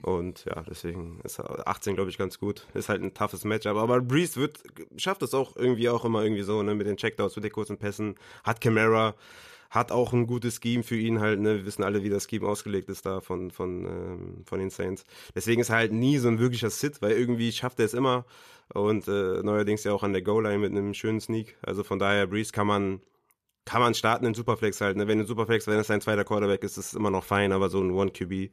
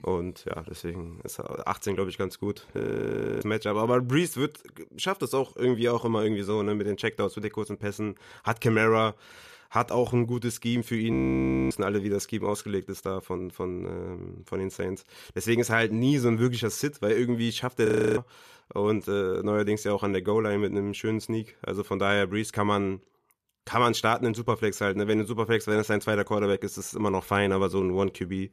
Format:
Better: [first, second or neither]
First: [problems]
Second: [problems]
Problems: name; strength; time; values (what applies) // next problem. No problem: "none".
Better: first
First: none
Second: audio freezing; at 3 s for 0.5 s, at 11 s for 0.5 s and at 18 s